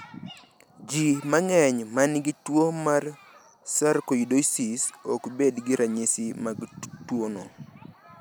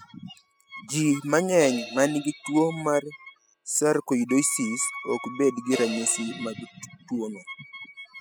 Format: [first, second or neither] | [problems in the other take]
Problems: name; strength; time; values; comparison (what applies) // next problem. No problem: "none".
first | noise reduction (classical method spectral subtraction)